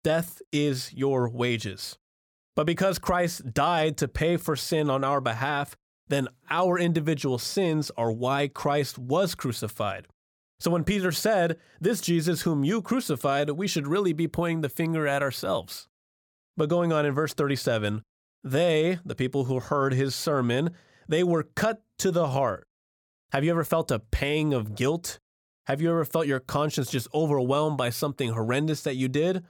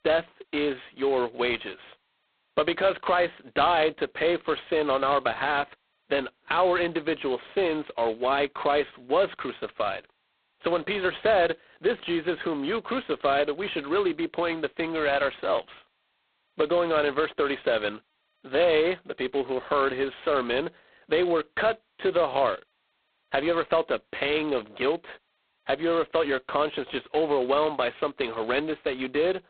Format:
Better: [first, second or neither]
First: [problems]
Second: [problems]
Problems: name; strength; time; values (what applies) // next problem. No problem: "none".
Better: first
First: none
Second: phone-call audio; poor line; nothing above 4 kHz